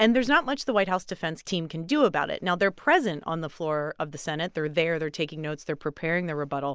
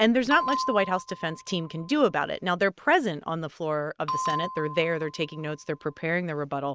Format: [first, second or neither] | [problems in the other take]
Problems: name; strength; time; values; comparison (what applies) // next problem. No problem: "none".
first | noise reduction (neural mask model RNNoise)